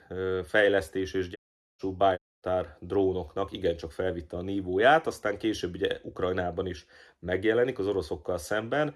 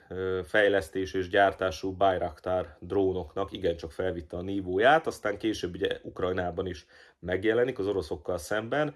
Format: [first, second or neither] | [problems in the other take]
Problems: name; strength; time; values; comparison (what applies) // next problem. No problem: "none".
second | audio cutting out; at 1.5 s and at 2 s